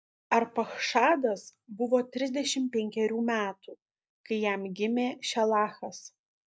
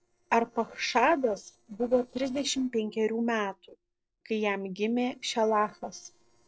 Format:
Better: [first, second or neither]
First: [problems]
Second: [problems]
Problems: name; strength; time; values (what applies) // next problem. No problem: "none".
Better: first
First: none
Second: noise reduction (neural separator model SepFormer DNS4)